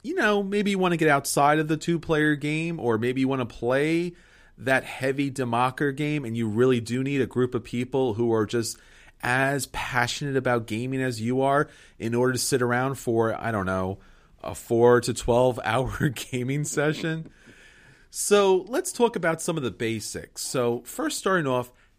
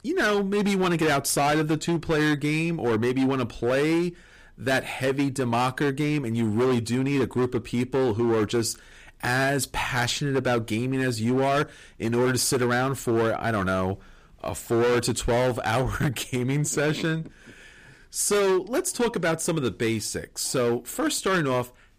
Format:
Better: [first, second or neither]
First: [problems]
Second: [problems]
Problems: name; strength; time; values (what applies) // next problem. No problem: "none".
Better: first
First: none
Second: distortion; heavy; 14% of the sound clipped